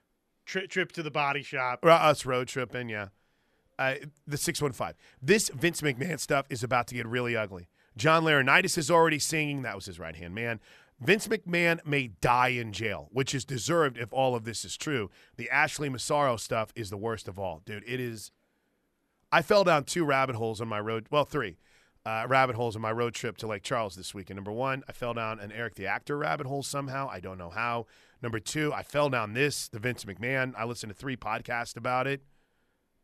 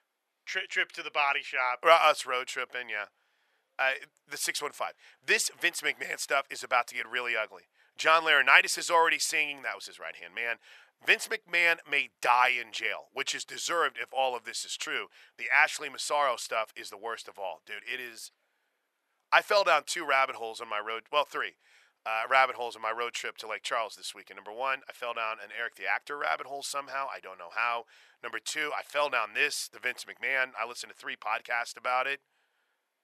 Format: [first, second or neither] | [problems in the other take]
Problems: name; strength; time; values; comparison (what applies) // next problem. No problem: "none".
first | thin; very; fading below 750 Hz